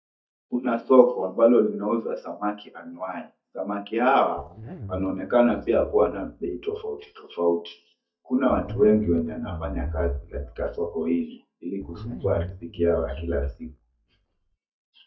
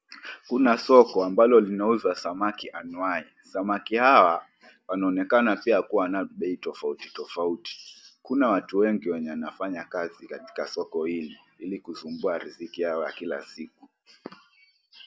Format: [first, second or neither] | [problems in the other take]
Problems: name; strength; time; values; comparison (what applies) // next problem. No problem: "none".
second | noise reduction (neural mask model DeepFilterNet 3)